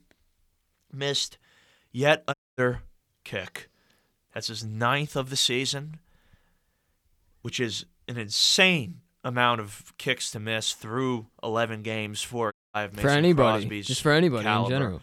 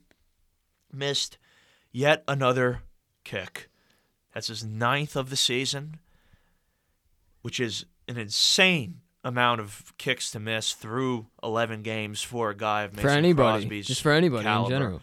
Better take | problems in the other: second | audio cutting out; at 2.5 s and at 13 s

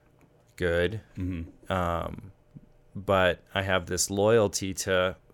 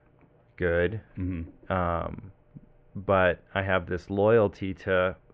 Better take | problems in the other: first | muffled; very; fading above 2.5 kHz

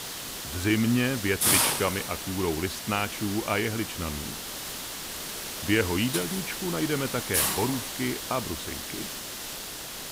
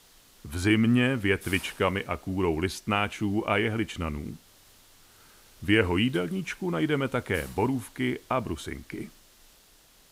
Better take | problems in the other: second | hiss; loud; throughout; 1 dB below the speech; faint in the second

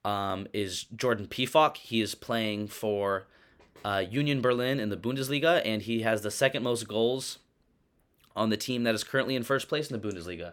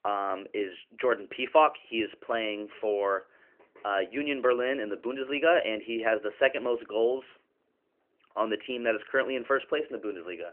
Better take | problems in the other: first | phone-call audio; nothing above 3 kHz

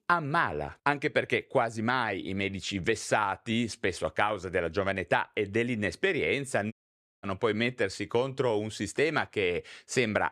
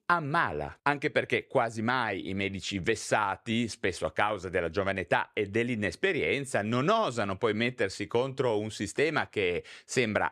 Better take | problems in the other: second | audio cutting out; at 6.5 s for 0.5 s

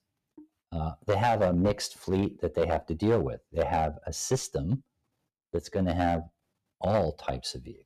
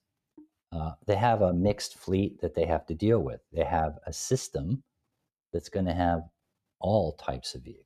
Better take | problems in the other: second | distortion; slight; 3% of the sound clipped

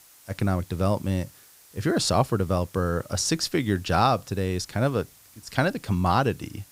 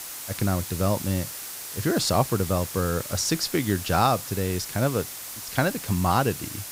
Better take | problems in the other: first | hiss; loud; throughout; 8 dB below the speech; faint in the first

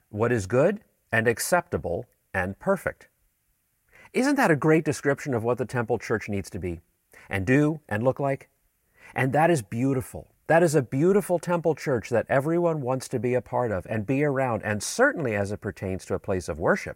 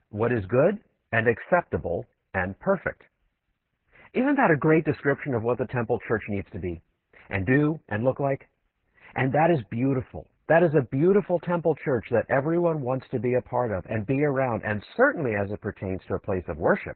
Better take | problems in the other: first | garbled, watery; badly; nothing above 4 kHz

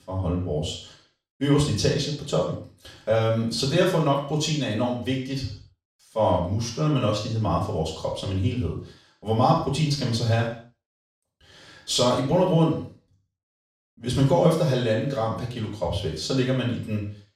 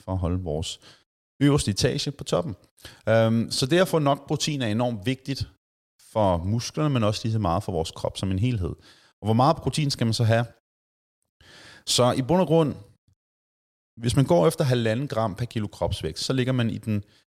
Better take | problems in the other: second | room echo; noticeable; dies away in 0.5 s // off-mic speech; far

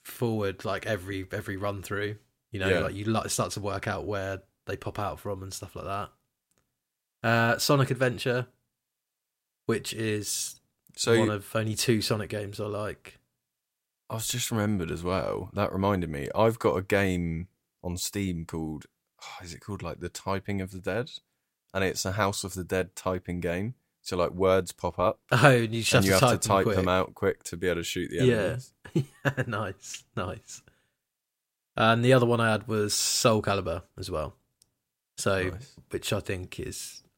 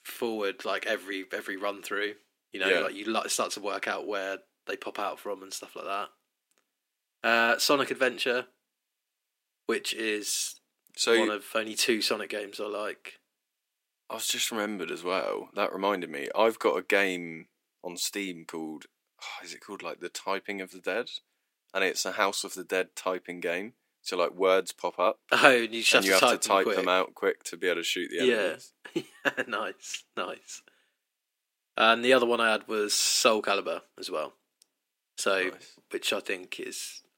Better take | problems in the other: first | thin; somewhat; fading below 250 Hz

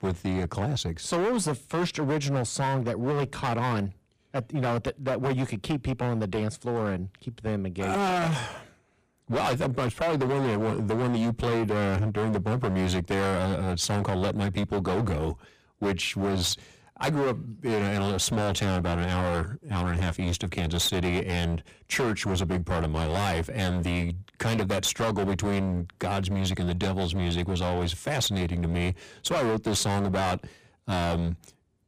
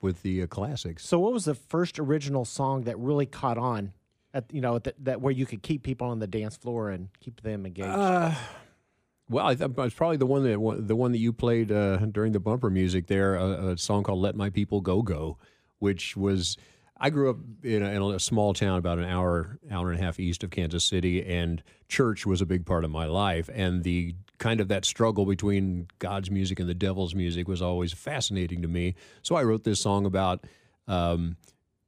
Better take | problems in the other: second | distortion; heavy; 23% of the sound clipped

